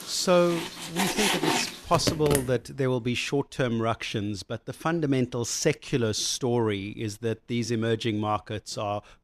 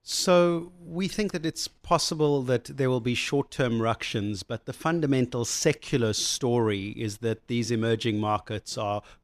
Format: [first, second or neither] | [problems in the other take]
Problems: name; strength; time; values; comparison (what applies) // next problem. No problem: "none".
second | household noises; loud; until 2 s; 1 dB below the speech